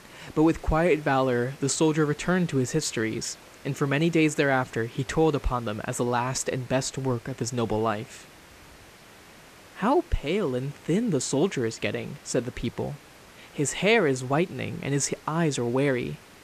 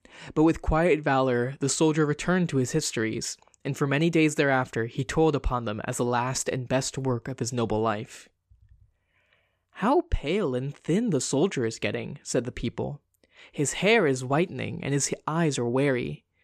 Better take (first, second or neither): second